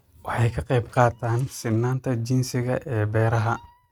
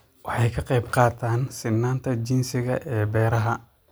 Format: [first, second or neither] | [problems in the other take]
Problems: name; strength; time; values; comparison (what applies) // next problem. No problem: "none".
second | noise reduction (neural mask model RNNoise)